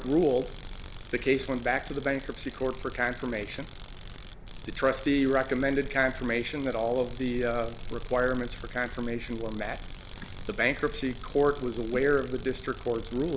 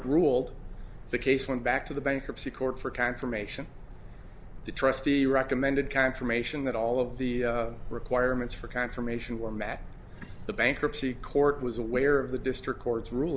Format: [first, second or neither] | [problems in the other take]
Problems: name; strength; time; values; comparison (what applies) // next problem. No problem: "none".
second | background sound (Tools); 17 dB below the speech